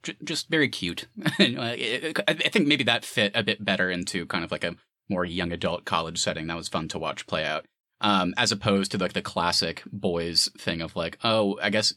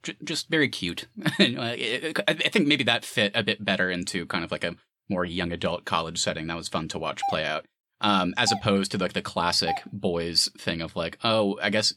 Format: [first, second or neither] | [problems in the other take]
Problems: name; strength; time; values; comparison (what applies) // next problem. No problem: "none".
first | doorbell; noticeable; from 7 to 10 s; peak 7 dB below the speech